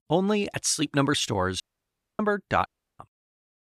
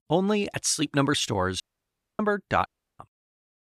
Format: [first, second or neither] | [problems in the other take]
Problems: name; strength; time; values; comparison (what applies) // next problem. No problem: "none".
neither | audio cutting out; at 1.5 s for 0.5 s and at 2.5 s; the same in both